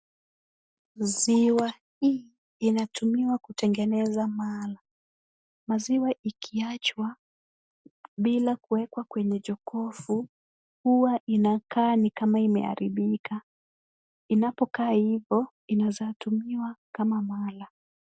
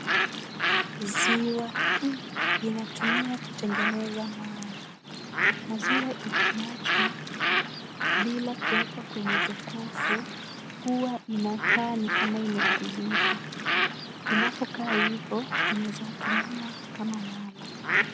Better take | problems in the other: first | background sound (Bird); 4 dB above the speech

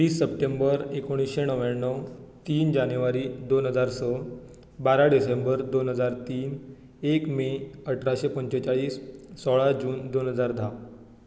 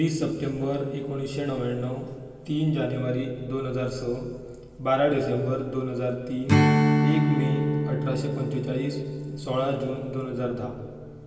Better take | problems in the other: first | background sound (Strum); 1 dB below the speech // room echo; dies away in 2.1 s

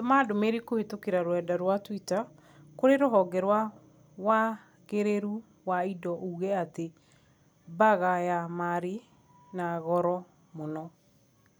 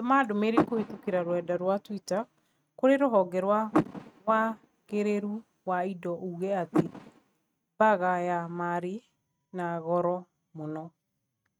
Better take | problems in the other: first | noise reduction (neural mask model RNNoise)

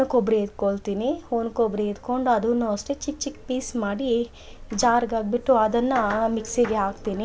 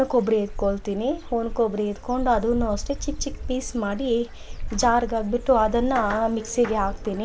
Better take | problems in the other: first | background sound (Bird / Dog); 9 dB below the speech

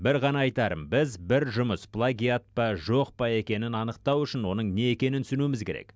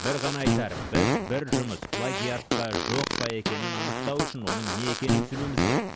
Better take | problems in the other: first | background sound (Fart); 4 dB above the speech

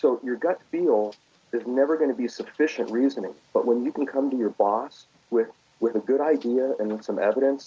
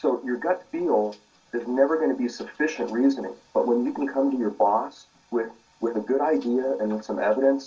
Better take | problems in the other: first | room echo; dies away in 0.2 s

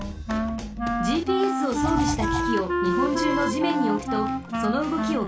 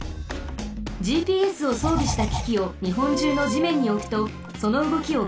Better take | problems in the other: second | background sound (Wind instrument, woodwind instrument); as loud as the speech

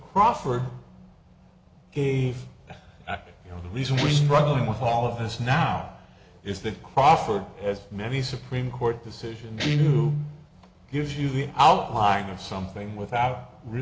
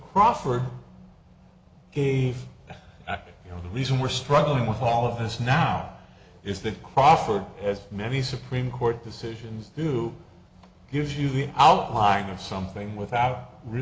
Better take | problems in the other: second | background sound (Guitar); 6 dB below the speech

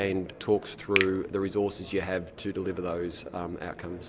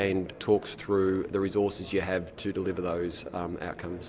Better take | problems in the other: second | background sound (Finger snapping); 7 dB below the speech

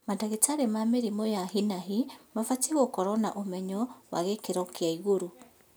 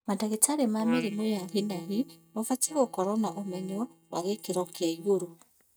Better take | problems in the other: first | noise reduction (neural mask model DeepFilterNet 3)

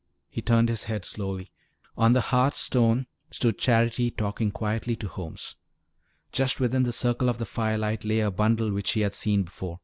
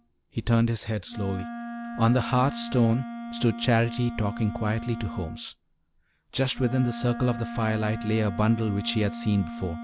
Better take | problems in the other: first | background sound (Wind instrument, woodwind instrument); 10 dB below the speech

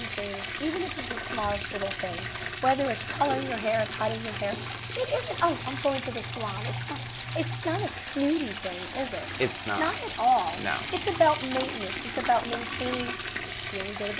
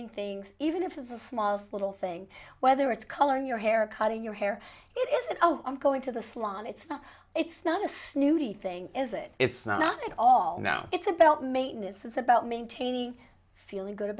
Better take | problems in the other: second | background sound (Liquid); 5 dB below the speech

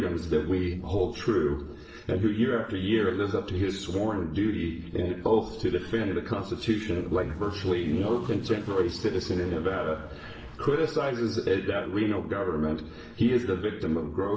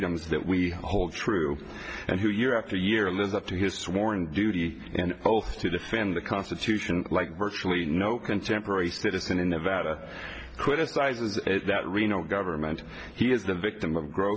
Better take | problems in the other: second | noise reduction (neural separator model SepFormer DNS4)

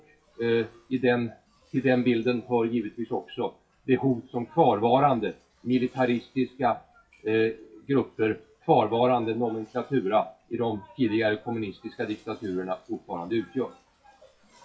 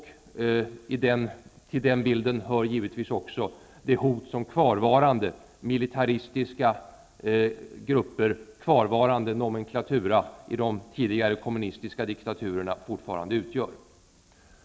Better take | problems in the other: second | noise reduction (classical method WPE with log-MMSE)

